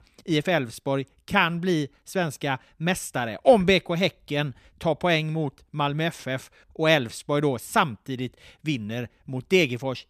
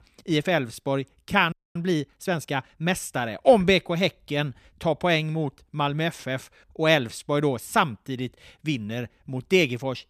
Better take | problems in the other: first | audio freezing; at 1.5 s

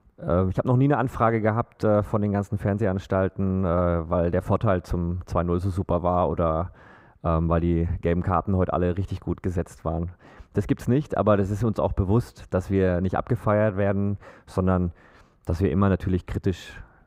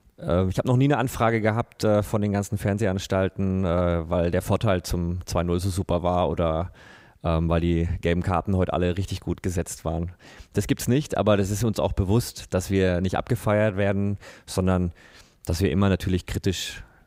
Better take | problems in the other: second | muffled; very; fading above 2.5 kHz

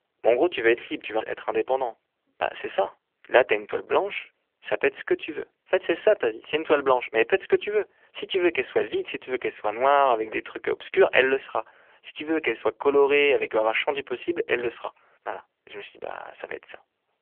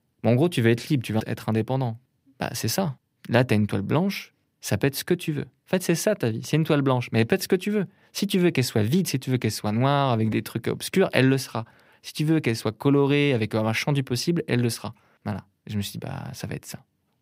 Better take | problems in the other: second | phone-call audio; poor line

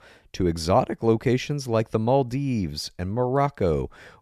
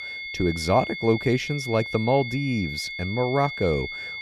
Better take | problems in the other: first | high-pitched whine; loud; throughout; 2 kHz, 7 dB below the speech

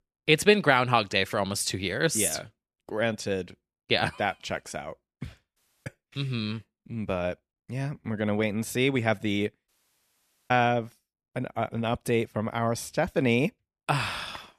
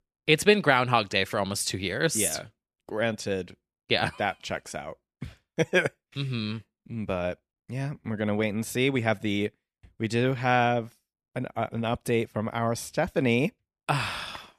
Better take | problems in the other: second | audio cutting out; at 5.5 s and at 9.5 s for 1 s

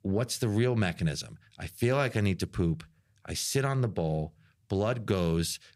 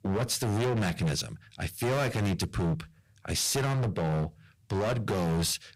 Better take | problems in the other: first | distortion; heavy; 22% of the sound clipped

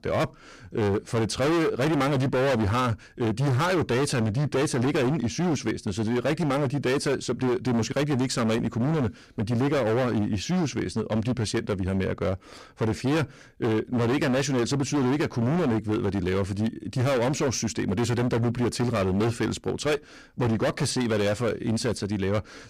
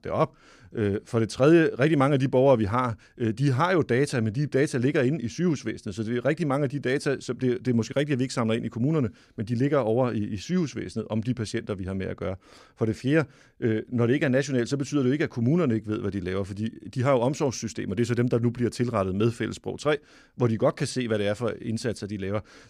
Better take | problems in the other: second | distortion; heavy; 26% of the sound clipped

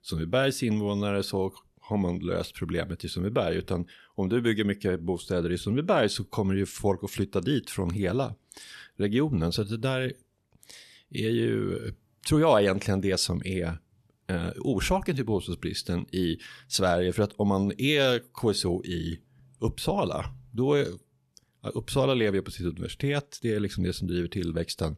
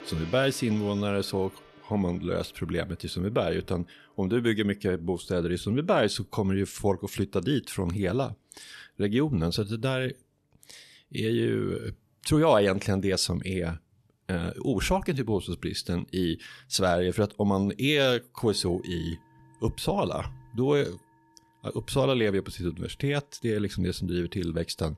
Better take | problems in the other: first | background music; faint; throughout; 25 dB below the speech

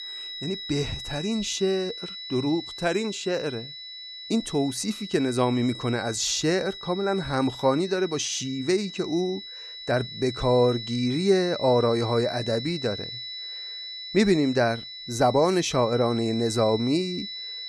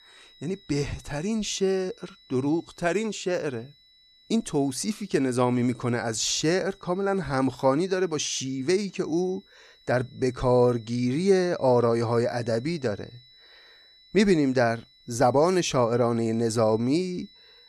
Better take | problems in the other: second | high-pitched whine; loud; throughout; 4 kHz, 10 dB below the speech; faint in the second

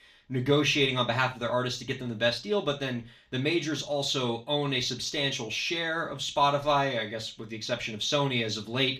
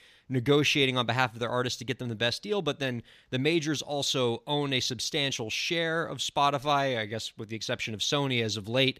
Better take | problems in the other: second | room echo; very slight; dies away in 0.3 s // off-mic speech; somewhat distant

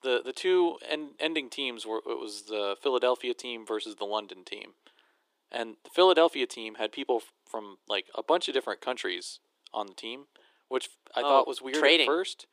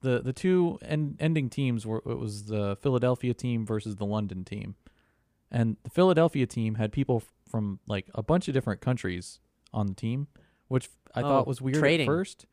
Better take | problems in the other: second | thin; very; fading below 350 Hz

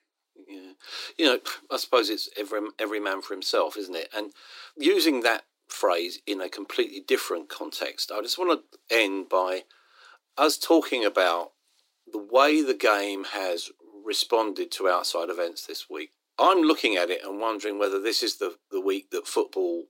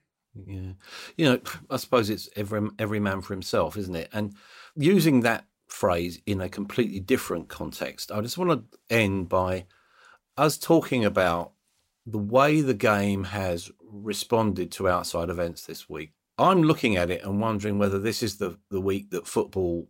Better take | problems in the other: second | thin; somewhat; fading below 300 Hz

